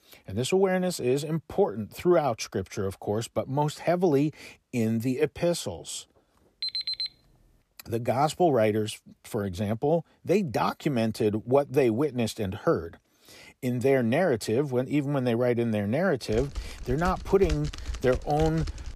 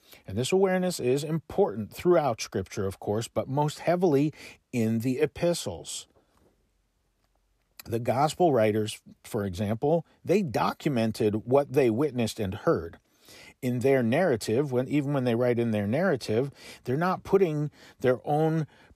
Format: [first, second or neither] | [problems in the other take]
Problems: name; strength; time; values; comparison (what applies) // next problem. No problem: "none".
second | alarm; noticeable; at 6.5 s; peak 2 dB below the speech // keyboard typing; noticeable; from 16 s on; peak 8 dB below the speech